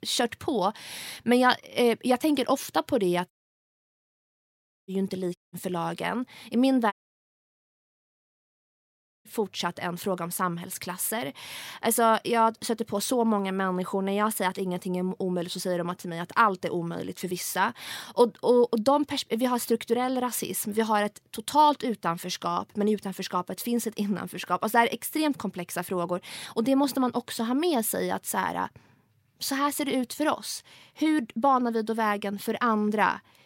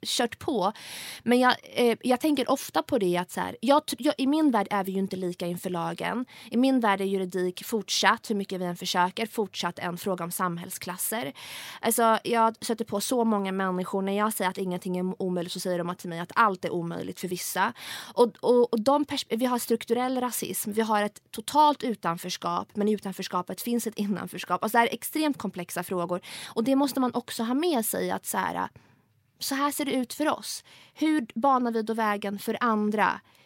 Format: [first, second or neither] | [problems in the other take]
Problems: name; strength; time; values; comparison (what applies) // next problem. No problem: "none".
second | audio cutting out; at 3.5 s for 1.5 s, at 5.5 s and at 7 s for 2.5 s